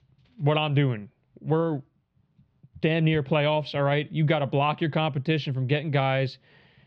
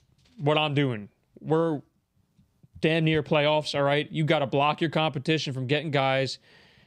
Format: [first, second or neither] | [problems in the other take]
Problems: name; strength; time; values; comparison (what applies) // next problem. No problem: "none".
second | muffled; very slightly; fading above 3.5 kHz